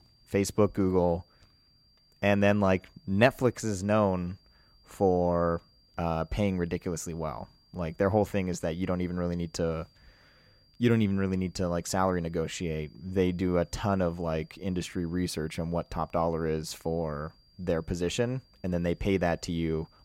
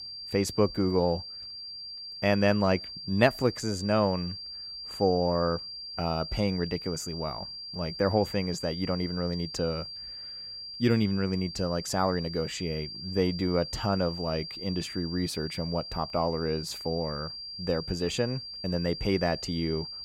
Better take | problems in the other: first | high-pitched whine; loud; throughout; 4.5 kHz, 8 dB below the speech; faint in the first

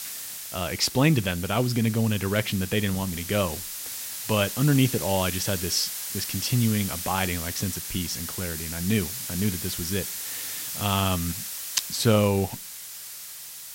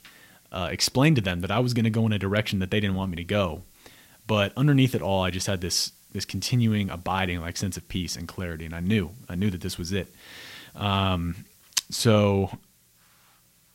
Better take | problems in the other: second | hiss; loud; throughout; 6 dB below the speech; faint in the second

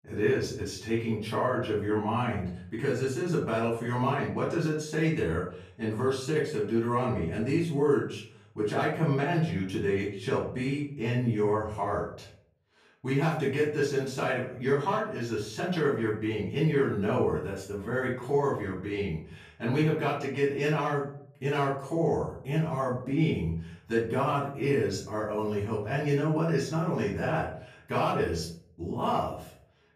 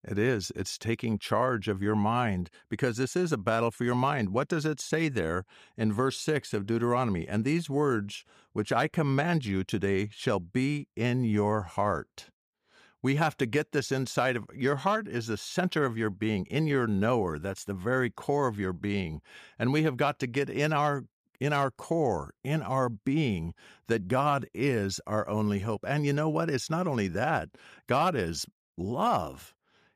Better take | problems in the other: second | off-mic speech; far // room echo; noticeable; dies away in 0.5 s

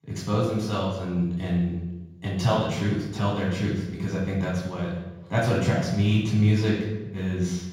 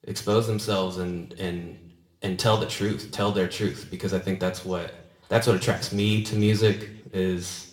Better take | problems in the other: second | room echo; strong; dies away in 1.3 s; slight in the second // off-mic speech; far; somewhat distant in the second

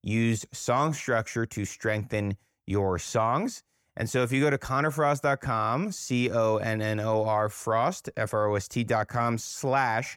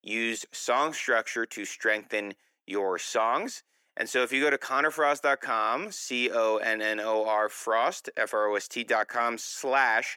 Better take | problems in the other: first | thin; somewhat; fading below 300 Hz

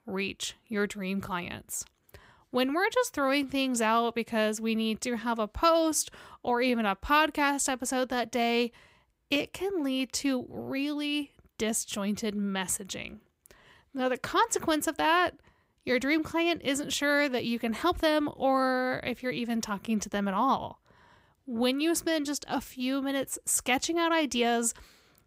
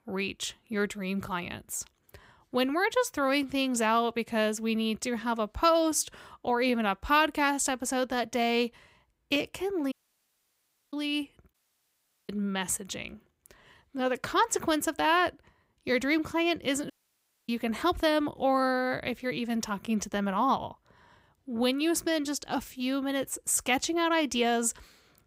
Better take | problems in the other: first | audio cutting out; at 10 s for 1 s, at 12 s for 1 s and at 17 s for 0.5 s

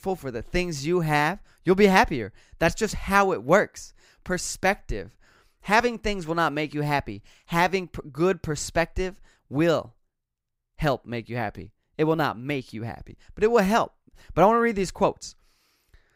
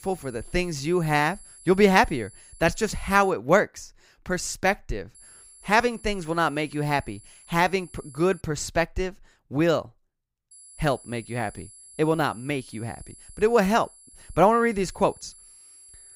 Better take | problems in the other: first | high-pitched whine; faint; until 3.5 s, from 5 to 8.5 s and from 11 s on; 10.5 kHz, 25 dB below the speech

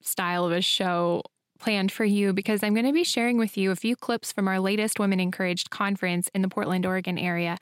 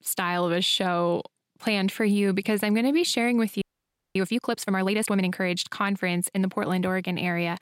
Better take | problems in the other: first | audio freezing; at 3.5 s for 0.5 s

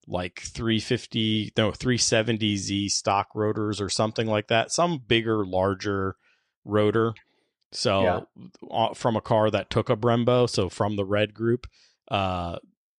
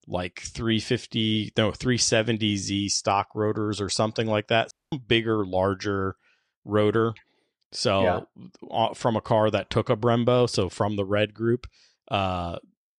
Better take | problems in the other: first | audio cutting out; at 4.5 s

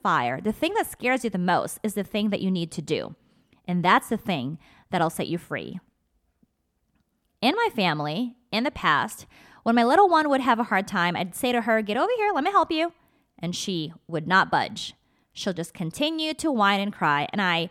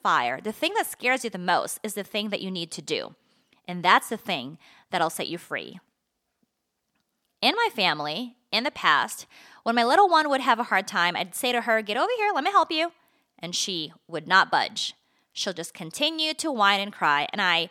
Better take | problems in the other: first | thin; very slightly; fading below 1 kHz

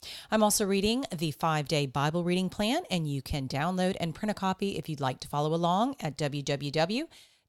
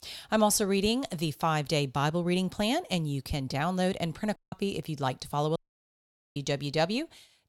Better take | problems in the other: first | audio cutting out; at 4.5 s and at 5.5 s for 1 s

